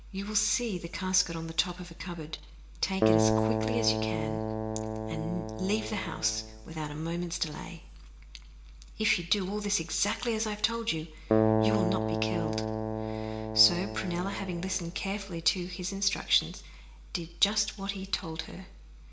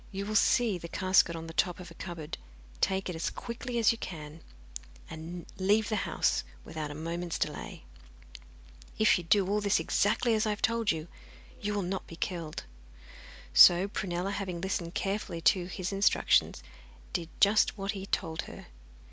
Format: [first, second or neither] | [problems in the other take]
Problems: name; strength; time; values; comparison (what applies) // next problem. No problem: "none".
second | background sound (Keyboard (musical)); 3 dB above the speech // room echo; dies away in 0.9 s